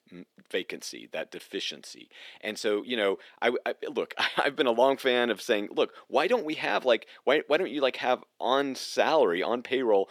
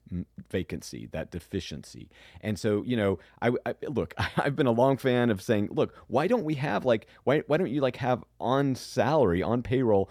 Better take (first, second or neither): second